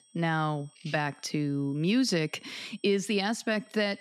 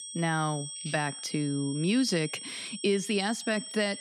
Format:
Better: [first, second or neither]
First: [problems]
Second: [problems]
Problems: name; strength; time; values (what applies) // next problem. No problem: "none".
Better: first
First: high-pitched whine; faint; throughout; 8 kHz, 30 dB below the speech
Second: high-pitched whine; loud; throughout; 8 kHz, 9 dB below the speech